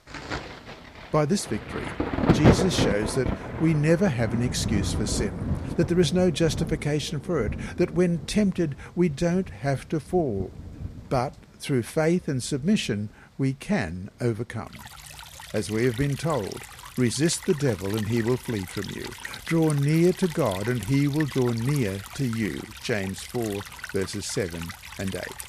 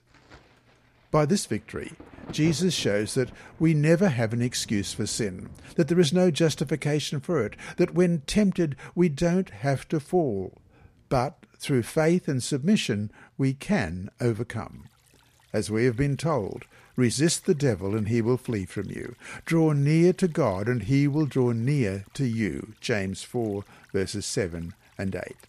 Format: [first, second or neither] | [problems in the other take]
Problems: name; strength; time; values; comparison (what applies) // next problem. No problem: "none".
second | rain or running water; loud; throughout; 6 dB below the speech; faint in the second